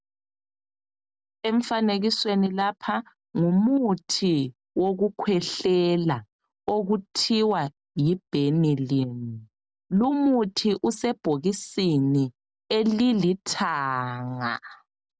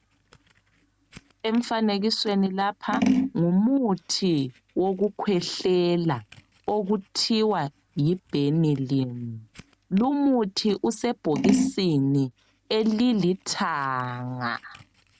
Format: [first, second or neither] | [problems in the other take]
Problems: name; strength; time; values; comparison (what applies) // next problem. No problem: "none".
first | background sound (Scissors); 9 dB below the speech